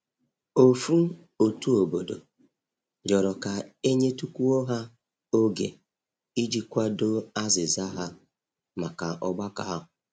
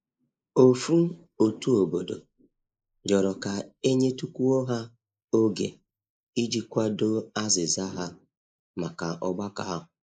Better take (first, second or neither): first